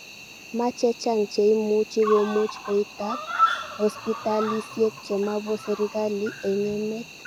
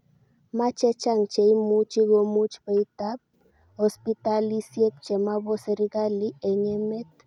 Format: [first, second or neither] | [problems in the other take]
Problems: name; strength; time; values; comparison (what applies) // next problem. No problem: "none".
second | background sound (Cricket); 8 dB below the speech